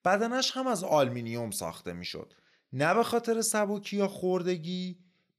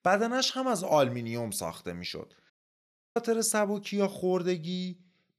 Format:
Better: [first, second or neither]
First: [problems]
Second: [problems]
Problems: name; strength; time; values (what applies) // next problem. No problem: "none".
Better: first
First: none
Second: audio cutting out; at 2.5 s for 0.5 s